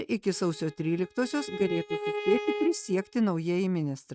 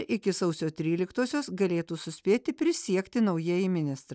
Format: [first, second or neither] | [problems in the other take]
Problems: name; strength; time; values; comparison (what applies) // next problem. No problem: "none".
second | noise reduction (neural mask model RNNoise)